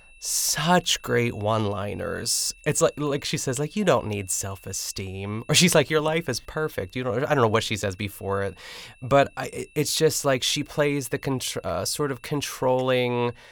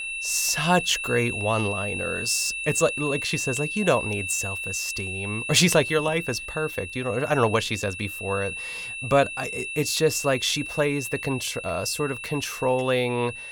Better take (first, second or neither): first